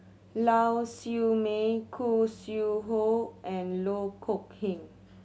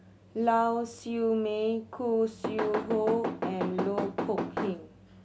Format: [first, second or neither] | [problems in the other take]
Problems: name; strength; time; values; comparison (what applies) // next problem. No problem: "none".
first | background sound (Knock / Wood); 3 dB below the speech